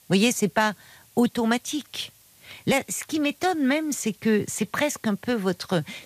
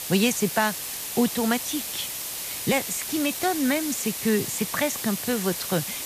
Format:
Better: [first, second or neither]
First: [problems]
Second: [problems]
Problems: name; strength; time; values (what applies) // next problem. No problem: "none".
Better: first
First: hiss; faint; throughout; 30 dB below the speech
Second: hiss; loud; throughout; 4 dB below the speech